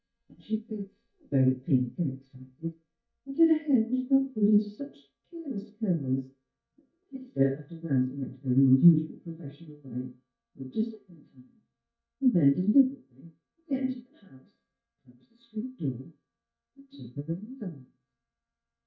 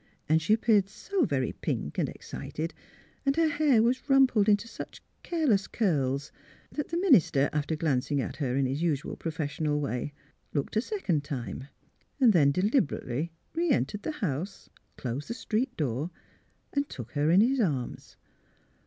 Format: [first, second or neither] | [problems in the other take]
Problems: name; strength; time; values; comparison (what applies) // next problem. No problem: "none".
second | noise reduction (neural mask model DeepFilterNet 3)